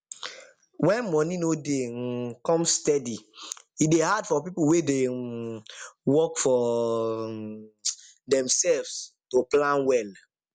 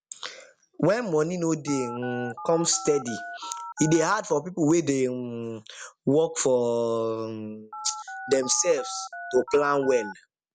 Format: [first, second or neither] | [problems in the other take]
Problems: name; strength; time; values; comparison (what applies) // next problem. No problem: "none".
first | background sound (Telephone); 11 dB below the speech